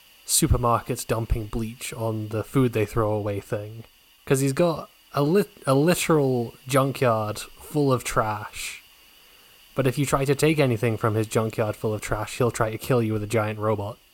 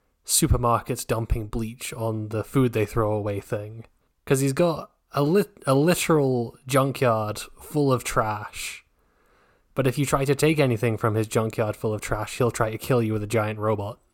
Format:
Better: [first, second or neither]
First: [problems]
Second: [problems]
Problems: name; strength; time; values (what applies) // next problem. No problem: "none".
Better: second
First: hiss; faint; throughout; 25 dB below the speech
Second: none